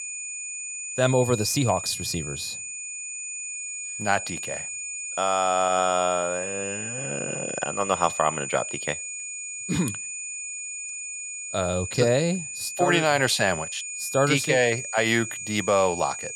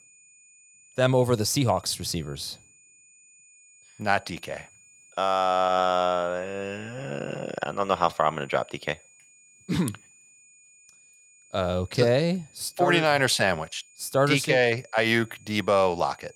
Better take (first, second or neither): second